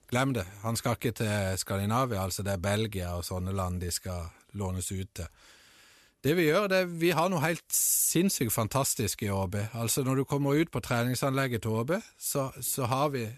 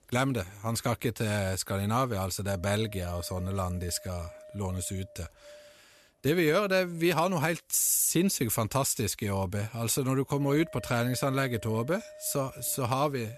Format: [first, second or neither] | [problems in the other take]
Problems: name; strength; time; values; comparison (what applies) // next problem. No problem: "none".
first | wind noise on the microphone; occasional gusts; 20 dB below the speech